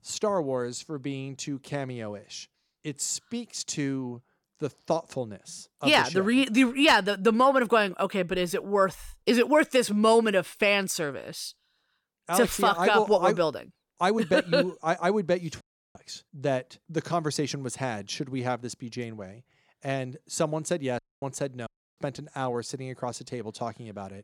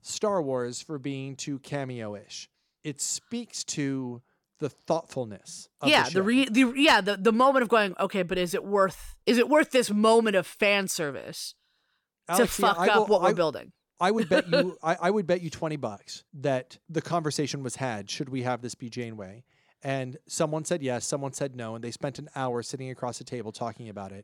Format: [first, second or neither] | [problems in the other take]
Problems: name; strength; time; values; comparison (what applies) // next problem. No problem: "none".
second | audio cutting out; at 16 s, at 21 s and at 22 s